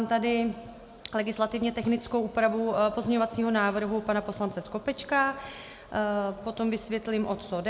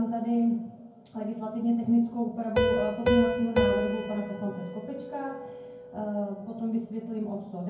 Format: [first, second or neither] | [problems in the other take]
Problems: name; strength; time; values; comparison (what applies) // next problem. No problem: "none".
first | background sound (Piano); 3 dB below the speech // room echo; dies away in 0.9 s